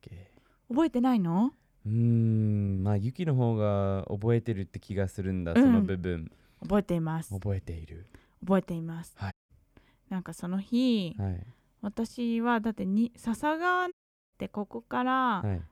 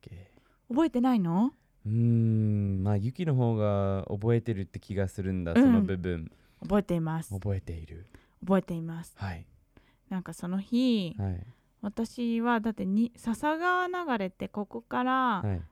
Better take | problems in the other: second | audio cutting out; at 9.5 s and at 14 s

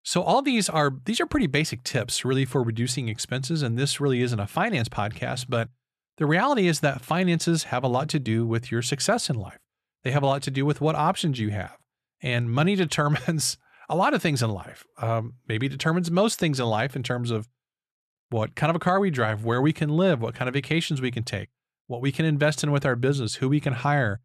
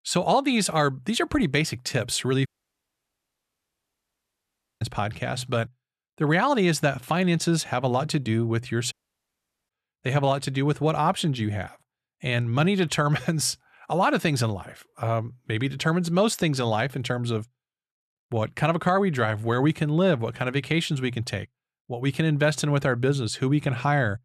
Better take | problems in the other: first | audio cutting out; at 2.5 s for 2.5 s and at 9 s for 1 s

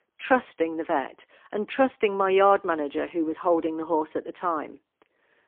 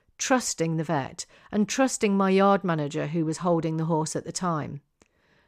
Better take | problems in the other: second | phone-call audio; poor line

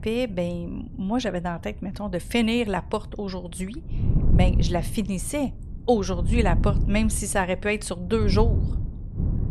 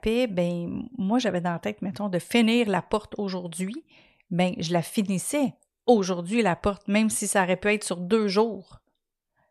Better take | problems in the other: second | wind noise on the microphone; occasional gusts; 10 dB below the speech

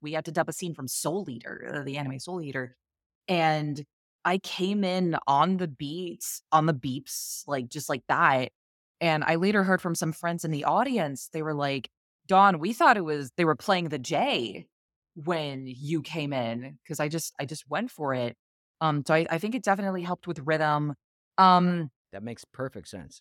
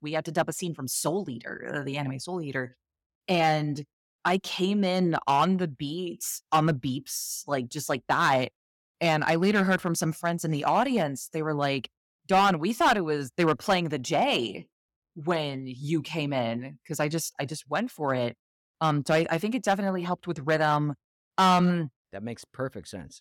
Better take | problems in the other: first | distortion; slight; 2% of the sound clipped

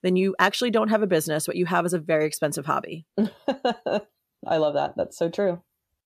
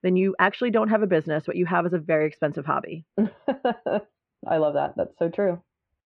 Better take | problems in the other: first | muffled; very; fading above 2.5 kHz

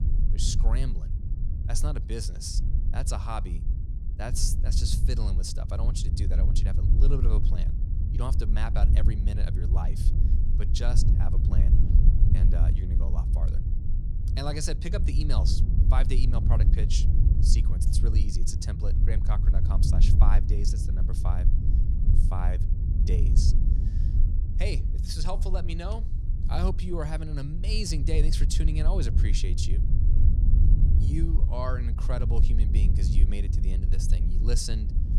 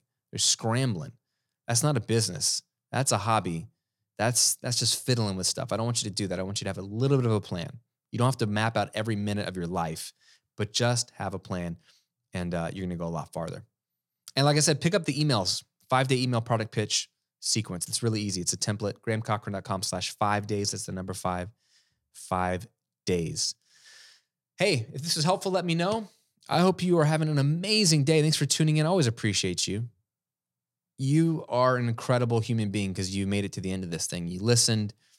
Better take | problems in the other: second | low rumble; loud; throughout; 6 dB below the speech

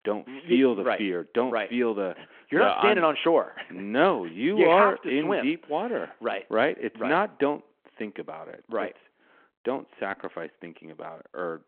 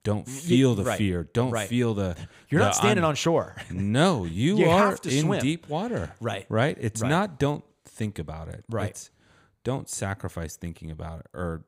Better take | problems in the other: second | phone-call audio

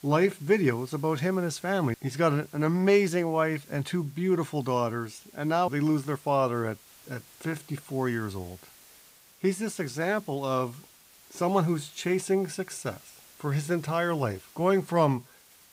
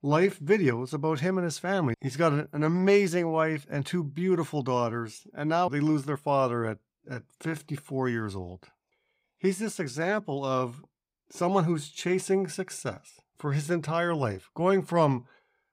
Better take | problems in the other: second | hiss; faint; throughout; 25 dB below the speech

